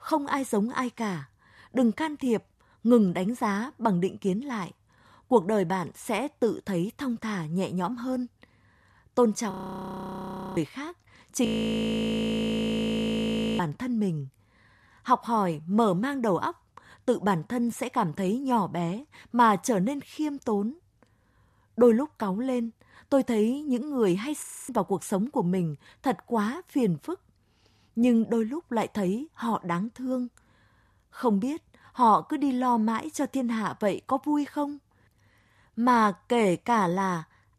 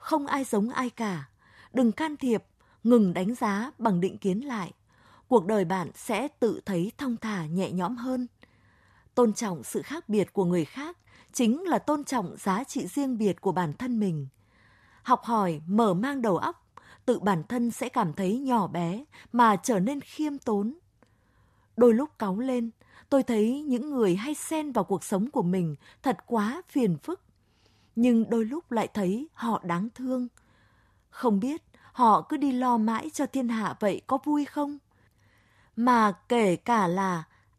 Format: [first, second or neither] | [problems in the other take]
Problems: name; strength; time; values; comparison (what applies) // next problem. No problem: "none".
second | audio freezing; at 9.5 s for 1 s, at 11 s for 2 s and at 24 s